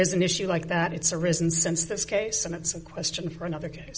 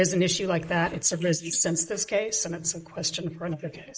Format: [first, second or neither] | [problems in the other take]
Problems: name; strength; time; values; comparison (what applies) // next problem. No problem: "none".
first | noise reduction (neural mask model Resemble Enhance denoiser)